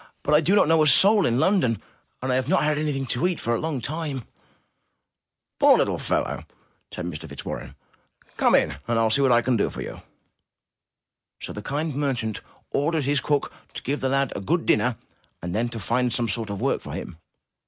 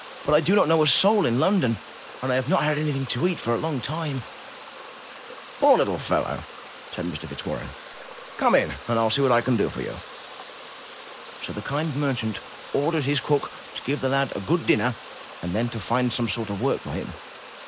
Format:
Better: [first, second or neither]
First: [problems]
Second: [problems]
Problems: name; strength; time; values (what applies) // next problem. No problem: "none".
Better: first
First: none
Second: background sound (Water); 16 dB below the speech